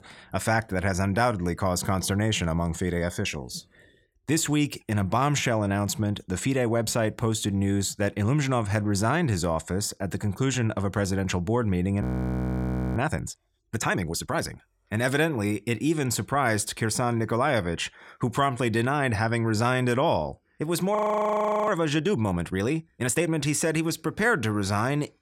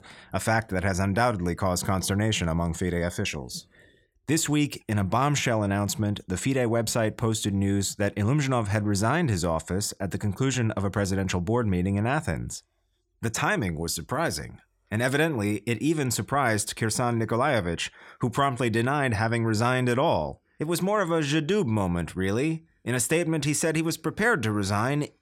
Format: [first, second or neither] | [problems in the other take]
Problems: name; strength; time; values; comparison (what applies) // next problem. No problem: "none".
second | audio freezing; at 12 s for 1 s and at 21 s for 0.5 s